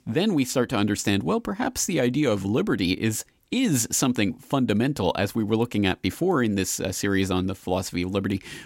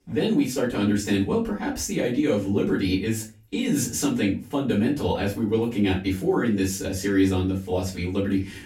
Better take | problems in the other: first | off-mic speech; far // room echo; slight; dies away in 0.3 s

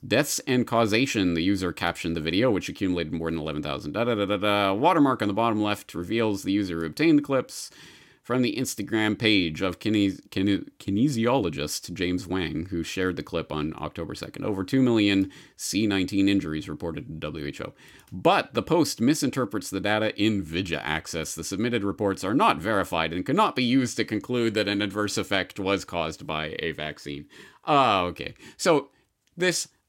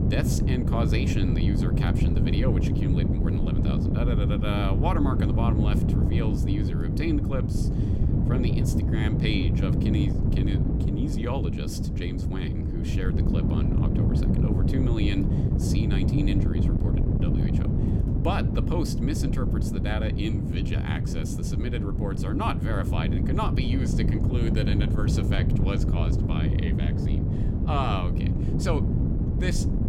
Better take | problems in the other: first | wind noise on the microphone; heavy; 1 dB below the speech

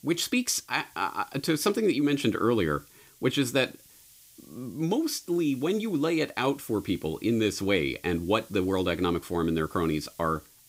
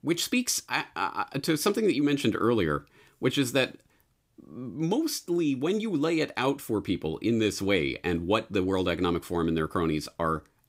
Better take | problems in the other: second | hiss; faint; throughout; 25 dB below the speech

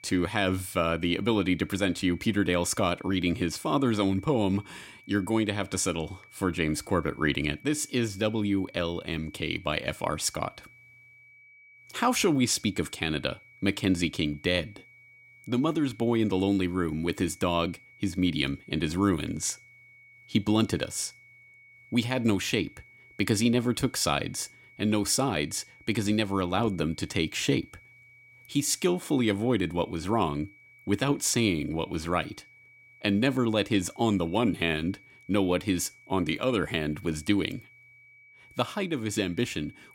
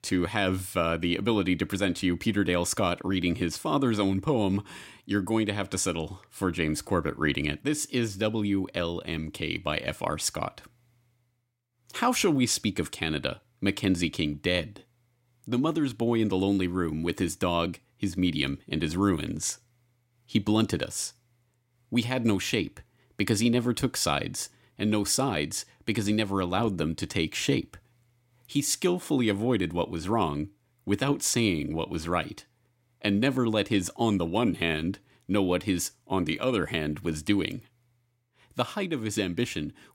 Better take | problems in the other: second | high-pitched whine; faint; throughout; 2.5 kHz, 25 dB below the speech

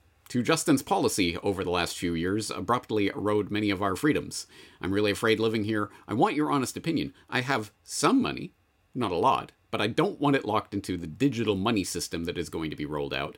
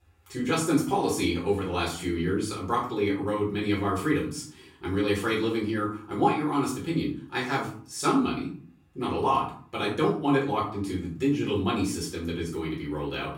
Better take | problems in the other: first | off-mic speech; far // room echo; slight; dies away in 0.4 s

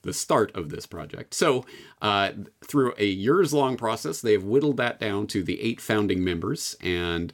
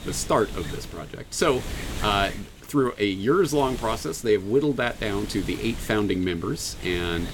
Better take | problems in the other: first | wind noise on the microphone; occasional gusts; 15 dB below the speech

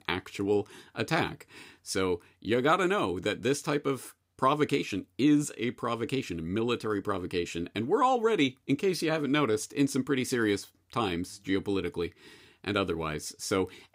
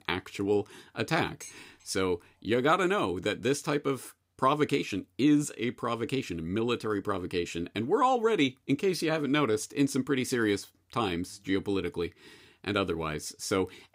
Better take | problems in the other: first | clattering dishes; faint; at 1.5 s; peak 15 dB below the speech

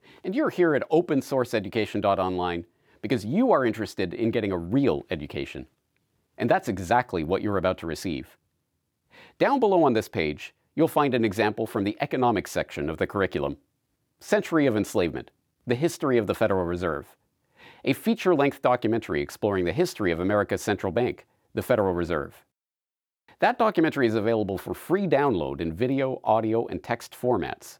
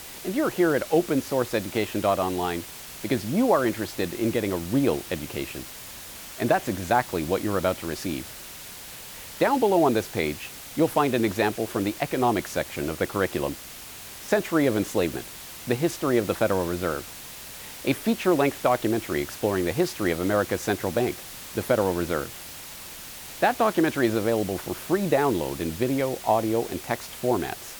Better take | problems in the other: first | hiss; noticeable; throughout; 10 dB below the speech

